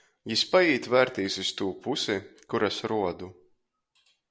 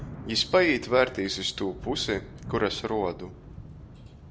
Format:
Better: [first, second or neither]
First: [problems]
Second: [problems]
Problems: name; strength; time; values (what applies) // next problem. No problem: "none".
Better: first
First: none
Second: background sound (Thunder / Rain); 14 dB below the speech